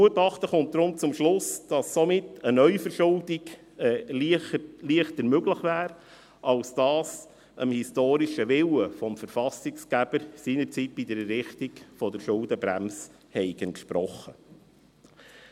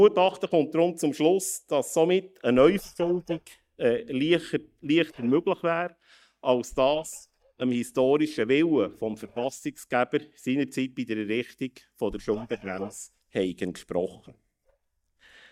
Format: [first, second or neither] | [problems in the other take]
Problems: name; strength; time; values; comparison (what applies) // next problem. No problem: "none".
first | noise reduction (neural mask model DeepFilterNet 3)